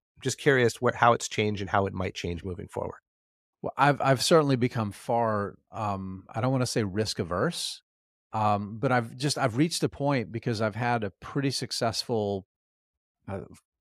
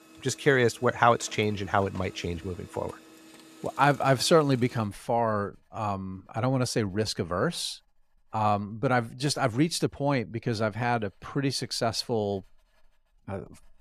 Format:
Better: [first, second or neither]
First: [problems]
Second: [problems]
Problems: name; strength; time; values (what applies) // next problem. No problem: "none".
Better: first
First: none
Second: household noises; faint; throughout; 25 dB below the speech